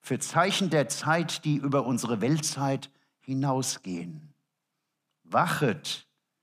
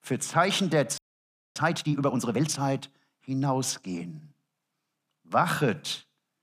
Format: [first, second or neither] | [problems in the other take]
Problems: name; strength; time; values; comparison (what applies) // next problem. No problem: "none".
first | audio freezing; at 1 s for 0.5 s